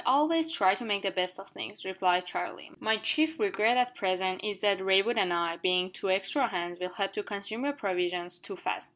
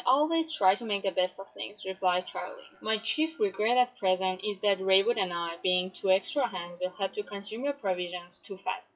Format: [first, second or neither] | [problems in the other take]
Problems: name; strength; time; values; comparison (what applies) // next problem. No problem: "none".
first | noise reduction (classical method WPE with log-MMSE)